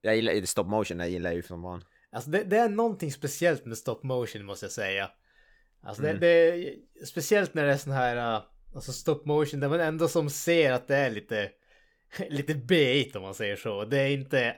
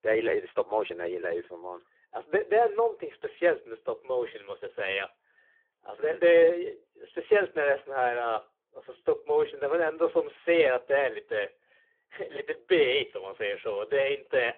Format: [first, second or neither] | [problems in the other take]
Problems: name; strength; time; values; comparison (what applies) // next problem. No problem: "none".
first | phone-call audio; poor line